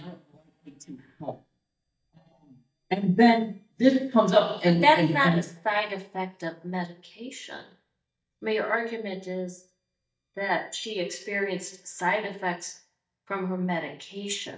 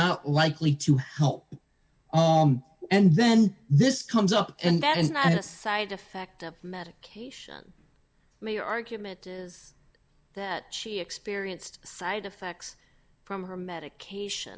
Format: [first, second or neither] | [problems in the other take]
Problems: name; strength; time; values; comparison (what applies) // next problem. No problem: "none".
second | noise reduction (neural mask model DeepFilterNet 3)